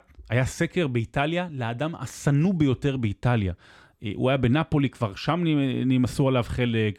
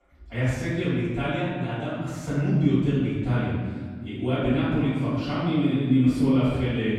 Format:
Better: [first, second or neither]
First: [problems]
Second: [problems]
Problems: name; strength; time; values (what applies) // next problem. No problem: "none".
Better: first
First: none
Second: off-mic speech; far // room echo; strong; dies away in 1.6 s